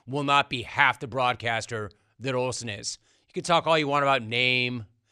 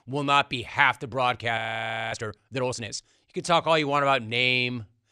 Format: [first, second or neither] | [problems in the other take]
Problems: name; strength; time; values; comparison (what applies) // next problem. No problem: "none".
first | audio freezing; at 1.5 s for 0.5 s